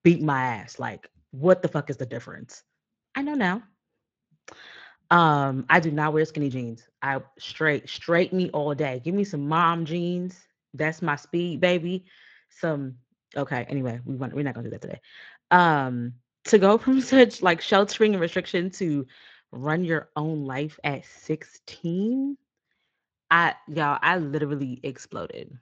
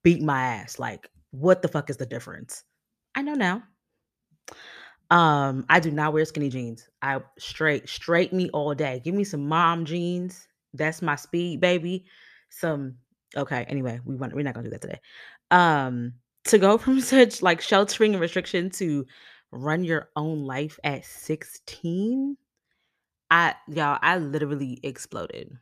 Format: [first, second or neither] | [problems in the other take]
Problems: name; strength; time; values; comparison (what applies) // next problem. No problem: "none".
second | garbled, watery; slightly